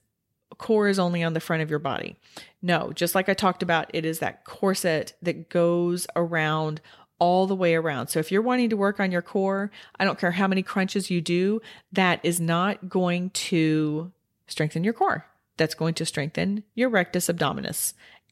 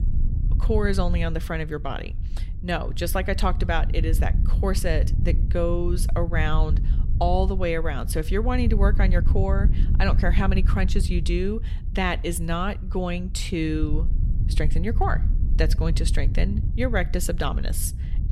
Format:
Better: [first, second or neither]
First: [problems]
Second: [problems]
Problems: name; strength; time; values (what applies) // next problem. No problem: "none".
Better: first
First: none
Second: wind noise on the microphone; occasional gusts; 15 dB below the speech